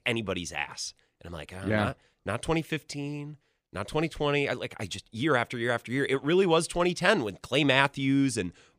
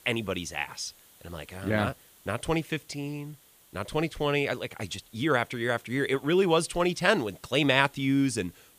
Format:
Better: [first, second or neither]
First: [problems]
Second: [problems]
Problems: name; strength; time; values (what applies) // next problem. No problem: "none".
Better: first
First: none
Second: hiss; faint; throughout; 25 dB below the speech